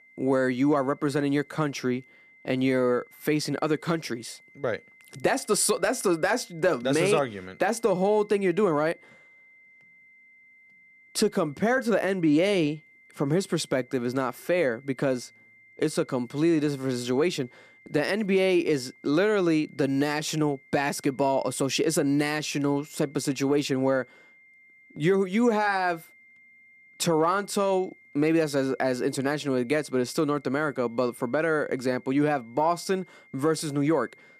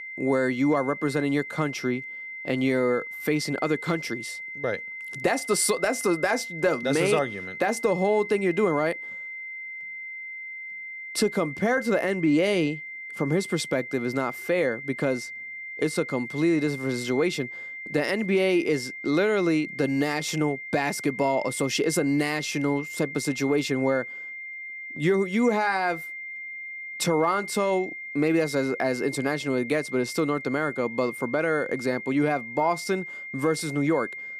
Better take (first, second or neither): first